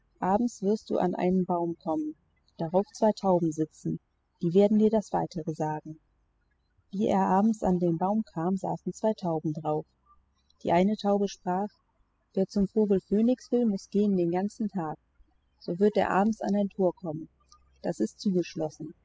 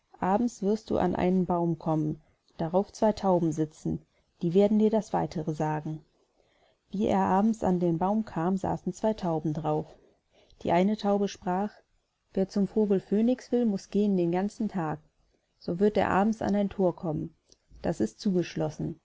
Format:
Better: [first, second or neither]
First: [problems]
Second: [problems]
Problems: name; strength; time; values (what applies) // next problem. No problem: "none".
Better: second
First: noise reduction (classical method spectral subtraction)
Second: none